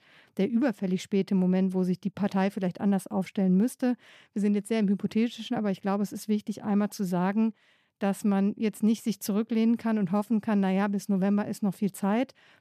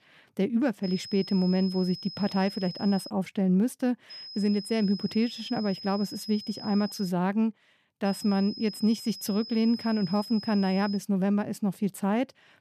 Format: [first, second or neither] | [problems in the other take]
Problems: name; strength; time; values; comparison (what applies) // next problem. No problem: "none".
first | high-pitched whine; noticeable; from 1 to 3 s, from 4 to 7 s and from 8 to 11 s; 5 kHz, 10 dB below the speech